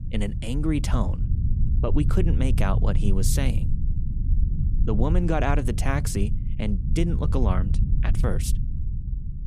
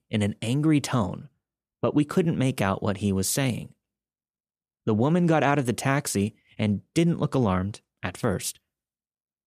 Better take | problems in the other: second | low rumble; noticeable; throughout; 10 dB below the speech

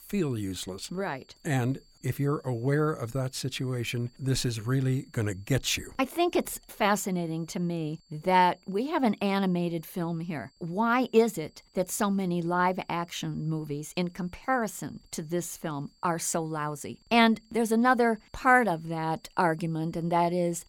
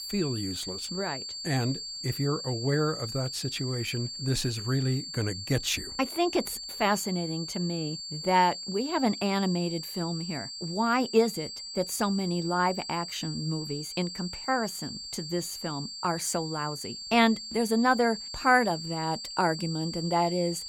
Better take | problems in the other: first | high-pitched whine; loud; throughout; 4.5 kHz, 7 dB below the speech; faint in the first

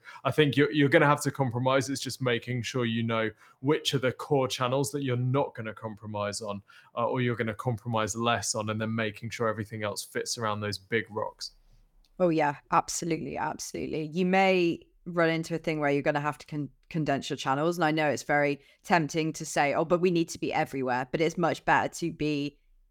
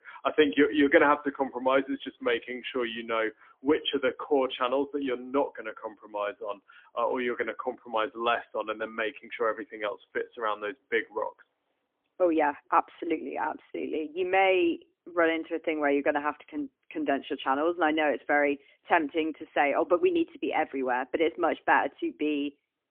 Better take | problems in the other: first | phone-call audio; poor line; nothing above 3.5 kHz

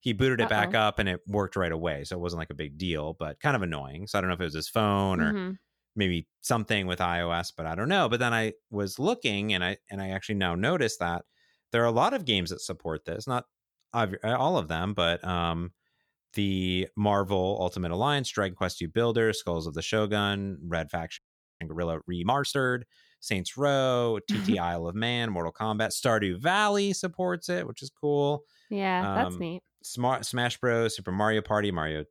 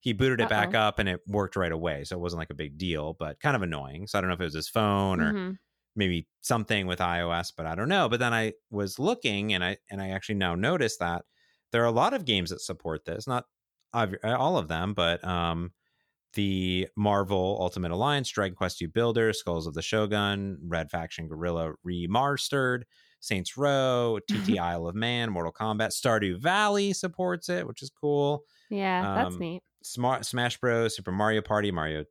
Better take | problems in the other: second | audio freezing; at 21 s

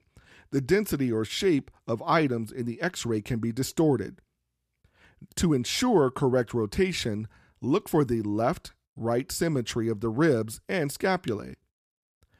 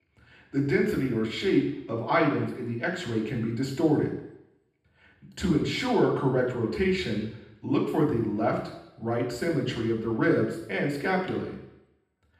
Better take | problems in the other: first | room echo; noticeable; dies away in 0.8 s // off-mic speech; far

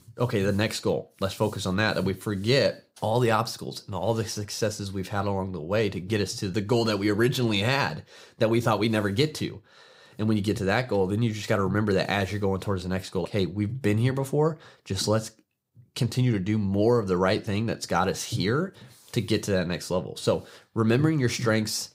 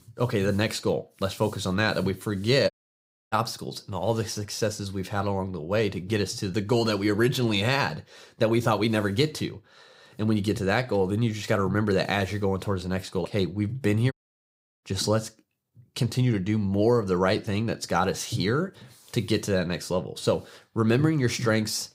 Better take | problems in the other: first | audio cutting out; at 2.5 s for 0.5 s and at 14 s for 0.5 s

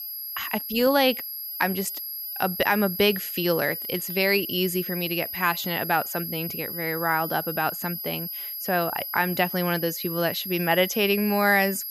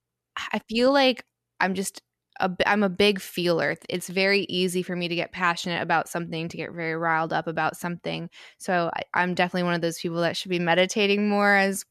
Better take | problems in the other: second | high-pitched whine; loud; throughout; 11.5 kHz, 6 dB below the speech

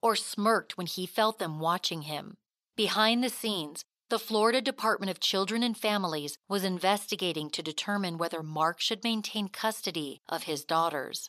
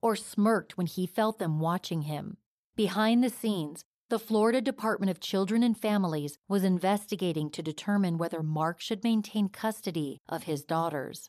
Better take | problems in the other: second | thin; somewhat; fading below 550 Hz

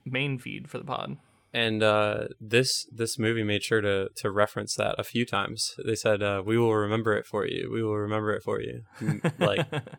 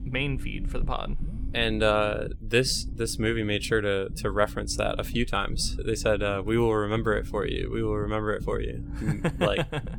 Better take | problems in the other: first | low rumble; faint; throughout; 20 dB below the speech

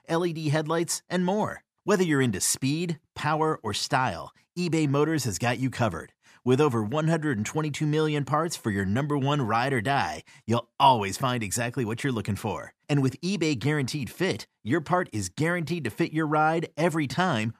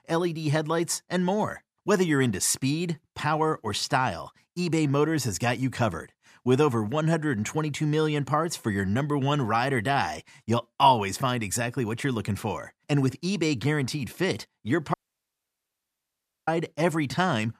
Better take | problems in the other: first | audio cutting out; at 15 s for 1.5 s

